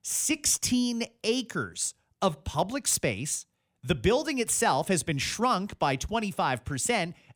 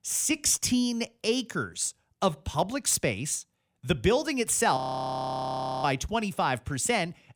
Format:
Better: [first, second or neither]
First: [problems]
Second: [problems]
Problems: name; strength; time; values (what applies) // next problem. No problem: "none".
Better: first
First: none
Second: audio freezing; at 5 s for 1 s